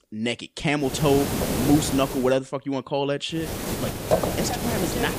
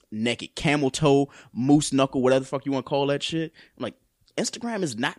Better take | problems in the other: second | hiss; loud; from 1 to 2.5 s and from 3.5 s on; 2 dB below the speech

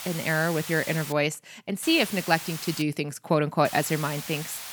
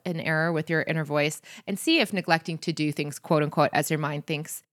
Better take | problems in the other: second | hiss; loud; until 1 s, at 2 s and from 3.5 s on; 10 dB below the speech

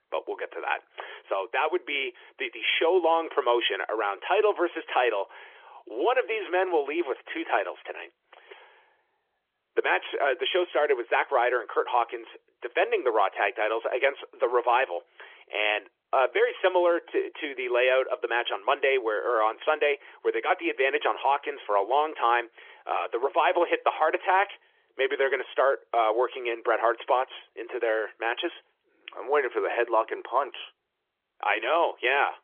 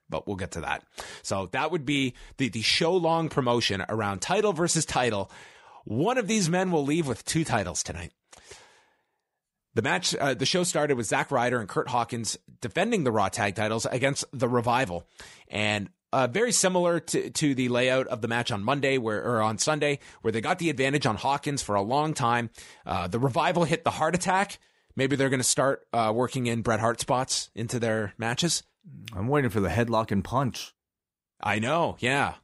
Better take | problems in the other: second | phone-call audio; nothing above 3.5 kHz

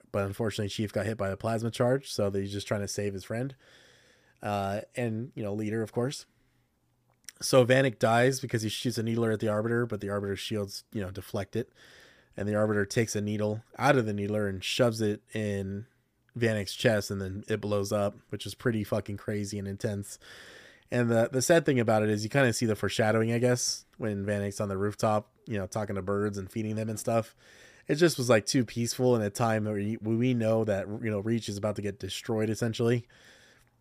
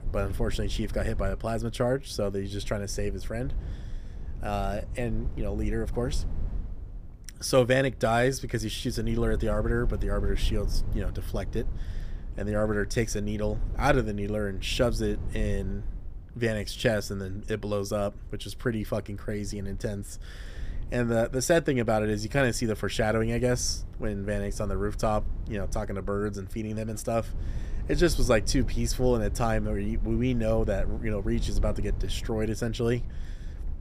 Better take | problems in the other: first | low rumble; faint; throughout; 20 dB below the speech

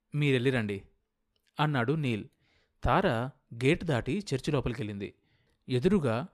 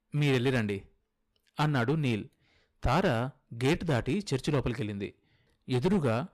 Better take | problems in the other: first | distortion; slight; 5% of the sound clipped

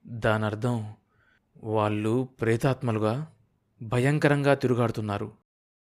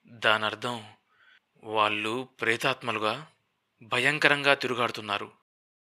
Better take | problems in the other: first | thin; somewhat; fading below 750 Hz

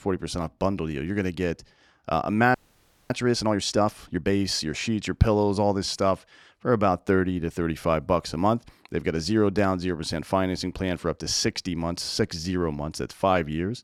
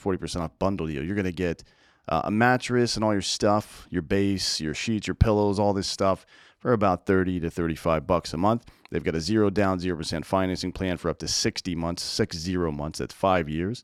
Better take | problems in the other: second | audio freezing; at 2.5 s for 0.5 s

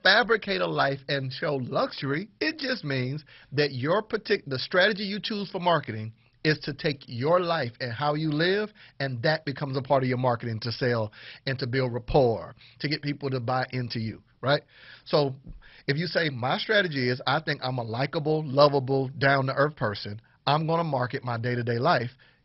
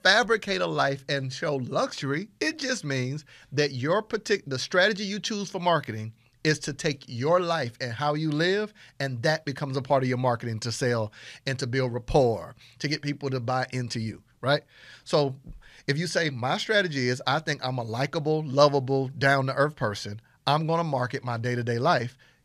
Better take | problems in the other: second | garbled, watery; badly; nothing above 5.5 kHz

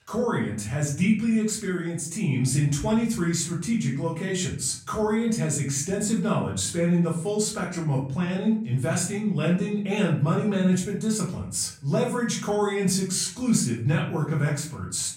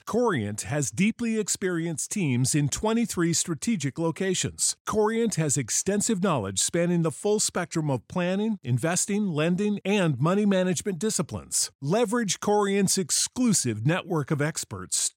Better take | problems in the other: second | off-mic speech; far // room echo; slight; dies away in 0.5 s

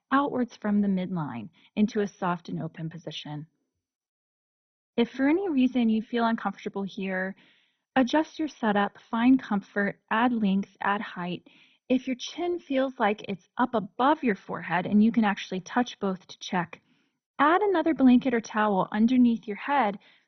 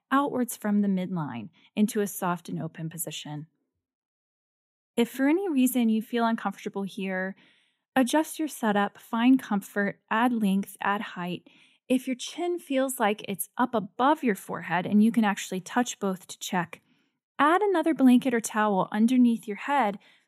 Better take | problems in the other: second | garbled, watery; badly; nothing above 6 kHz

